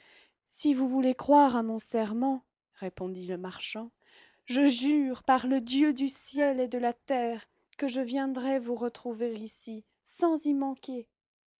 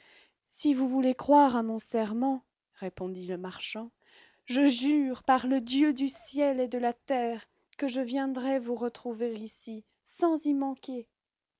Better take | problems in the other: second | noise reduction (neural mask model Resemble Enhance denoiser)

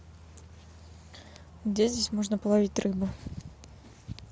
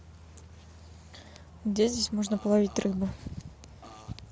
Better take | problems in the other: first | background sound (Burping, eructation); 19 dB below the speech

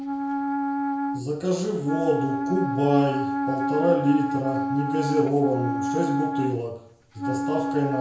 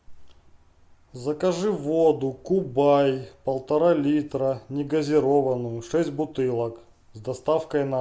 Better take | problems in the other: second | background sound (Wind instrument, woodwind instrument); 1 dB below the speech // room echo; dies away in 0.5 s

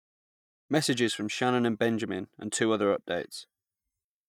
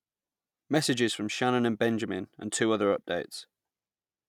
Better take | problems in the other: second | noise reduction (neural mask model DeepFilterNet 3)

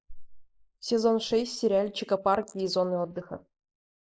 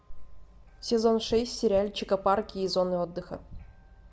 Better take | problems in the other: second | noise reduction (neural mask model Resemble Enhance denoiser)

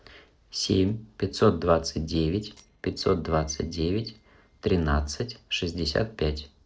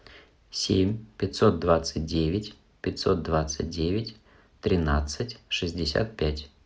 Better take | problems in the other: second | noise reduction (neural separator model SepFormer DNS4)

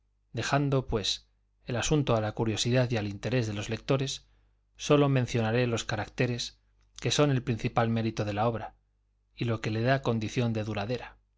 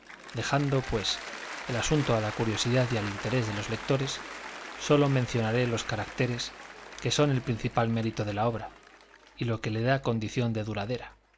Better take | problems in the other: first | background sound (Applause / Cheering); 13 dB below the speech

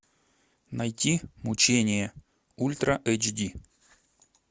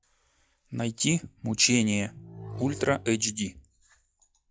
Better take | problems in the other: first | noise reduction (classical method log-MMSE)

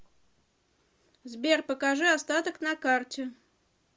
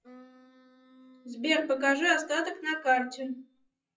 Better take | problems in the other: first | noise reduction (classical method WPE with log-MMSE)

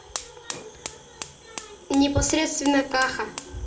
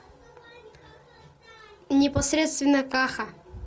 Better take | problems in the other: second | background sound (Fire); 13 dB below the speech // room echo; dies away in 0.7 s

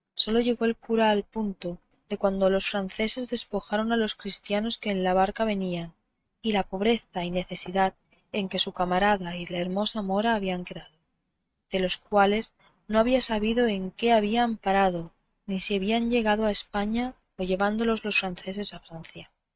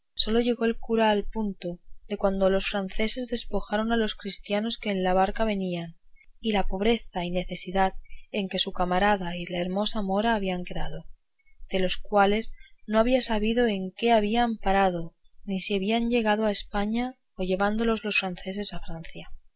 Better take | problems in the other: second | noise reduction (neural mask model RNNoise)

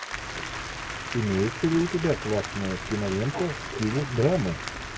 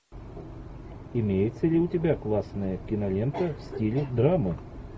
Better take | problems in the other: second | background sound (Applause); 8 dB below the speech

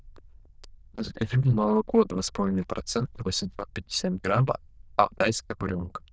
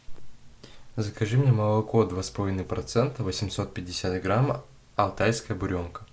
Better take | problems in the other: second | noise reduction (neural diffusion model UNIVERSE++)

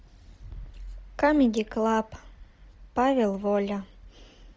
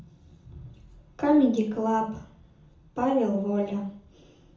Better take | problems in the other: first | room echo; dies away in 0.6 s

